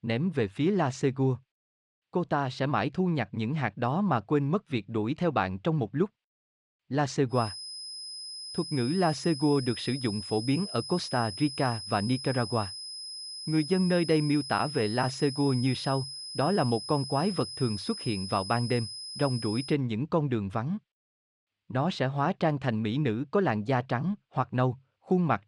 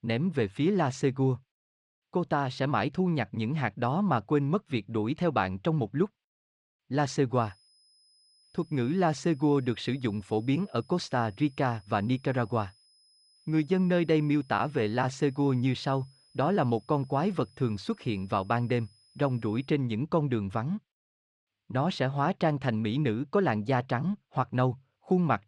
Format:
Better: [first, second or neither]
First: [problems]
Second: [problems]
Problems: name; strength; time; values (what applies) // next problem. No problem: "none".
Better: second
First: high-pitched whine; loud; from 7.5 to 20 s; 5 kHz, 8 dB below the speech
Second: high-pitched whine; faint; from 7.5 to 20 s; 5 kHz, 30 dB below the speech